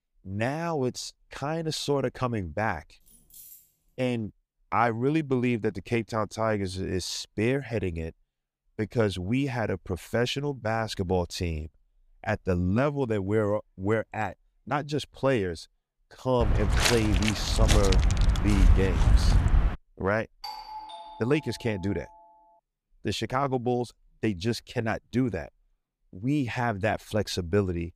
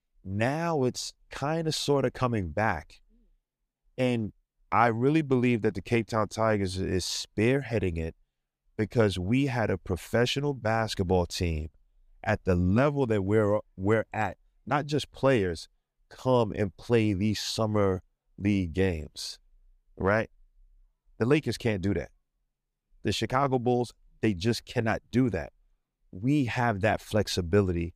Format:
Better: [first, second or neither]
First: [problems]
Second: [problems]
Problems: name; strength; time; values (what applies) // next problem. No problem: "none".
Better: second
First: jangling keys; faint; at 3 s; peak 15 dB below the speech // footsteps; loud; from 16 to 20 s; peak 6 dB above the speech // doorbell; noticeable; from 20 to 22 s; peak 9 dB below the speech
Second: none